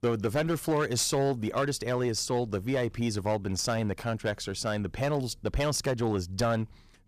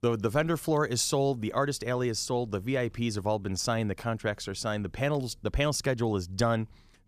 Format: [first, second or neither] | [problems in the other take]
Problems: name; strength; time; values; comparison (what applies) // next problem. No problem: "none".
second | distortion; slight; 7% of the sound clipped